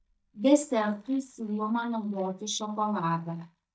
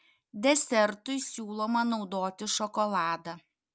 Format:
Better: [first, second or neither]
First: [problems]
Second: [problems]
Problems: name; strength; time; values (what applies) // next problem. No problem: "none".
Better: second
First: noise reduction (neural mask model DeepFilterNet 3)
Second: none